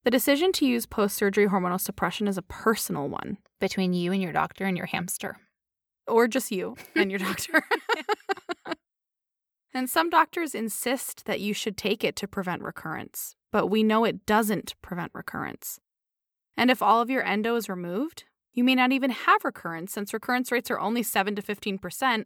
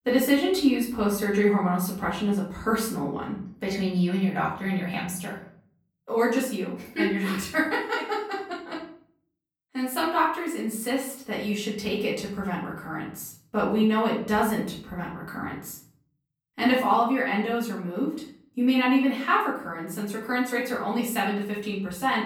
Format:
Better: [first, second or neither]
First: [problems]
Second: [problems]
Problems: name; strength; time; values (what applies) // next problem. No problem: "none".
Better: first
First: none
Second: off-mic speech; far // room echo; noticeable; dies away in 0.6 s